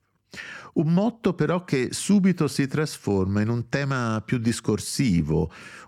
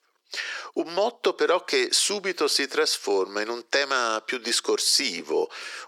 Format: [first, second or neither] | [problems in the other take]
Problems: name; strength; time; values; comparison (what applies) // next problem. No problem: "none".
first | thin; very; fading below 400 Hz